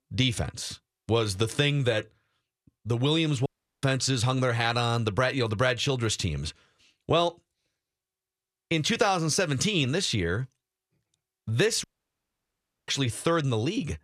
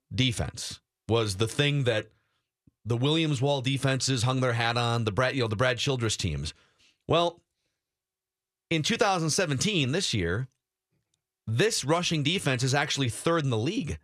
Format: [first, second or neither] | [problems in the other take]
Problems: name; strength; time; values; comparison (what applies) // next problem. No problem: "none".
second | audio cutting out; at 3.5 s and at 12 s for 1 s